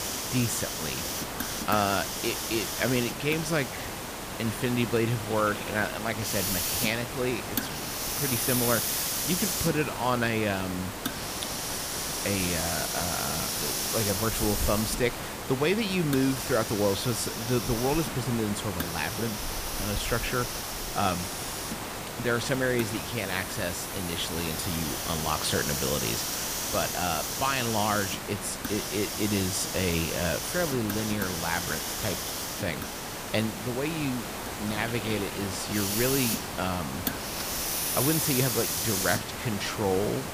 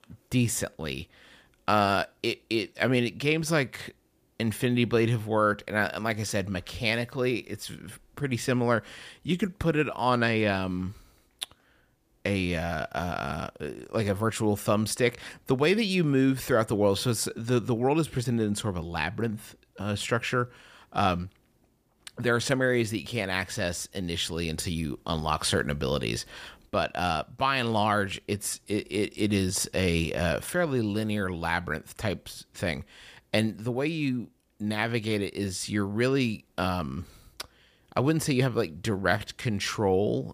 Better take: second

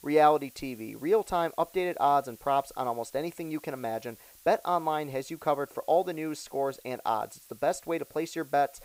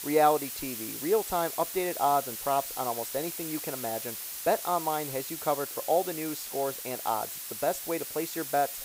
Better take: first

